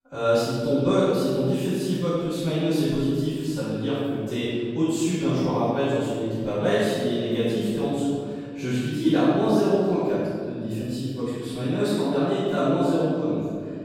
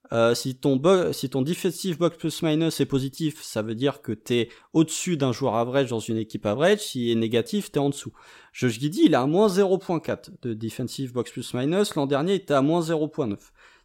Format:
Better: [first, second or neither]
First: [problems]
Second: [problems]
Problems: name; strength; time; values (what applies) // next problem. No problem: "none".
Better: second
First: off-mic speech; far // room echo; strong; dies away in 2 s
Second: none